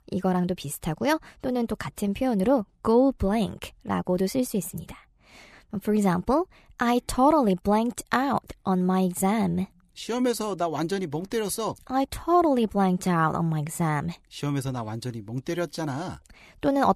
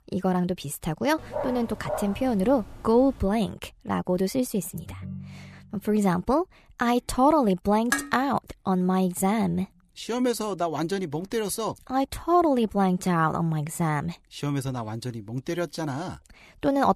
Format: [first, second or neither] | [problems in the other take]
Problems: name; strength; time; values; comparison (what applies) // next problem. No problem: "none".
first | dog barking; noticeable; from 1 to 3 s; peak 7 dB below the speech // phone ringing; faint; at 5 s; peak 10 dB below the speech // clattering dishes; noticeable; at 8 s; peak 3 dB below the speech